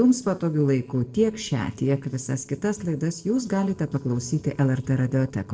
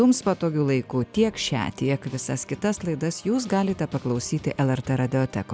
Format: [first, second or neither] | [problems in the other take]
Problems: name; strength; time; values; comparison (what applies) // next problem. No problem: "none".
second | noise reduction (neural separator model SepFormer DNS4)